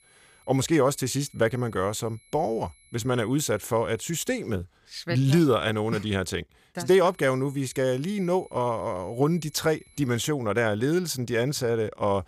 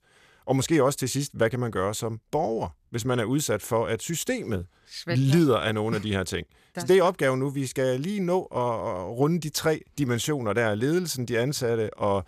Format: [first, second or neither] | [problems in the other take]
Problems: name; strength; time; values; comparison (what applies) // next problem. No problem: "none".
second | high-pitched whine; faint; until 4.5 s and from 7 to 10 s; 11 kHz, 30 dB below the speech